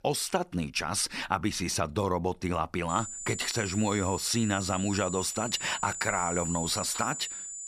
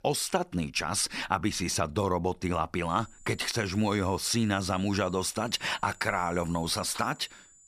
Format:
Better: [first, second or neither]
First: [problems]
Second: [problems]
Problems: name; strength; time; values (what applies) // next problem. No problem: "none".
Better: second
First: high-pitched whine; loud; from 3 s on; 7 kHz, 6 dB below the speech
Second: high-pitched whine; faint; from 3 s on; 7 kHz, 25 dB below the speech